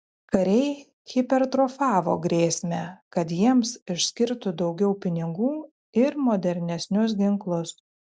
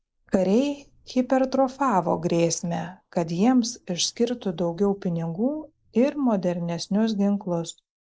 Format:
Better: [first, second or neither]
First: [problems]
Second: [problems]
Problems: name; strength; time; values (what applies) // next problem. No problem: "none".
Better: first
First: none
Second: noise reduction (neural mask model Resemble Enhance denoiser)